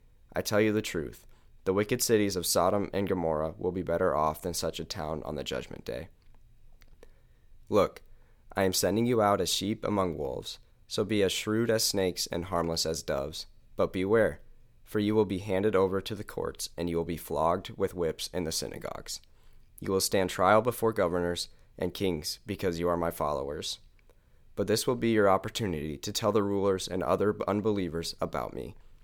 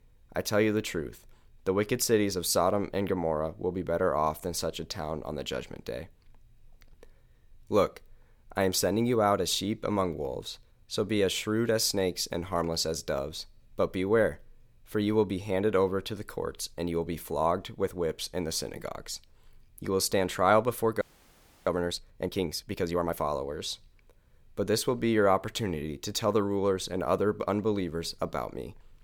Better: first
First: none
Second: audio freezing; at 21 s for 0.5 s

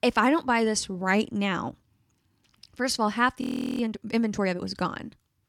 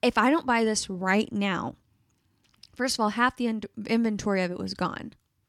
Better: second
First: audio freezing; at 3.5 s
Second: none

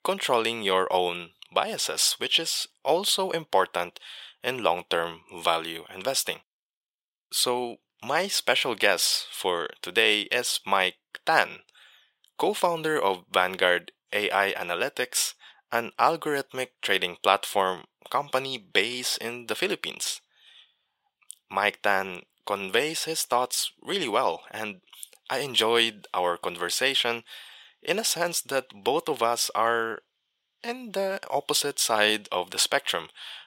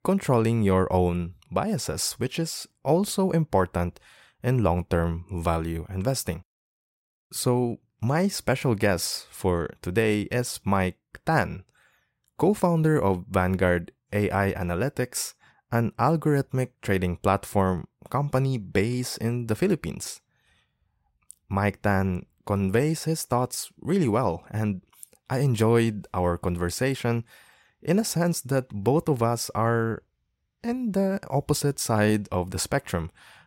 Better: second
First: thin; very; fading below 550 Hz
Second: none

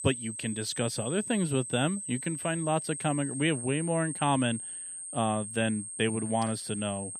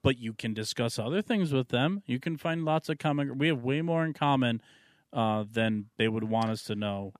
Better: second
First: high-pitched whine; loud; throughout; 8.5 kHz, 6 dB below the speech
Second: none

